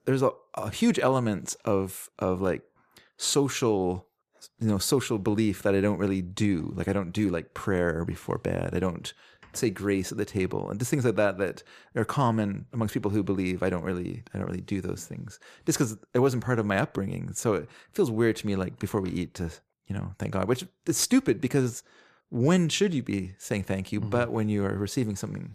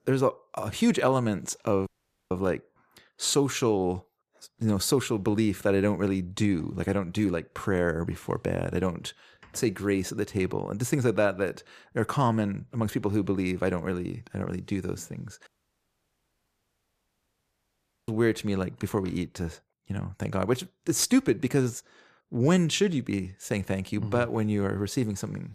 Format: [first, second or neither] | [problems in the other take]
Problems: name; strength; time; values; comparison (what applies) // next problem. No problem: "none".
first | audio cutting out; at 2 s and at 15 s for 2.5 s